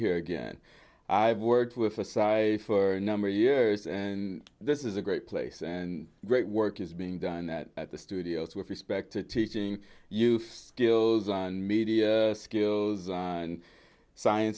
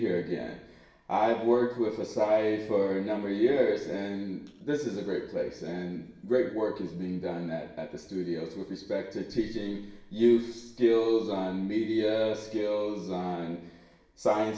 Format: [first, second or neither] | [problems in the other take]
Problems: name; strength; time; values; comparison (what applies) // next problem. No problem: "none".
first | room echo; dies away in 0.8 s